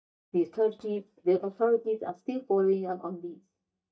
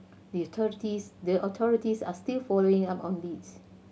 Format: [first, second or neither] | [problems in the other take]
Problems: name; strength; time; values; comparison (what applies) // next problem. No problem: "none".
second | noise reduction (neural mask model DeepFilterNet 3)